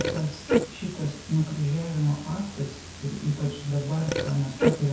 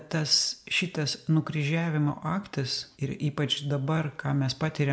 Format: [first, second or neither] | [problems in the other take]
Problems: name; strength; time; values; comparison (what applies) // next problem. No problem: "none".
second | background sound (Burping, eructation); 3 dB below the speech // room echo; dies away in 0.6 s